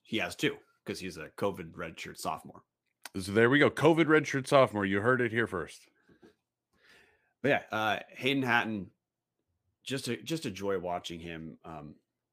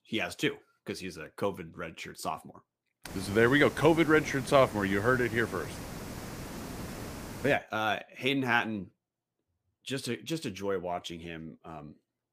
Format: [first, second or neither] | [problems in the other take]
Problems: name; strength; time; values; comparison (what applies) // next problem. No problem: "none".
first | hiss; noticeable; from 3 to 7.5 s; 10 dB below the speech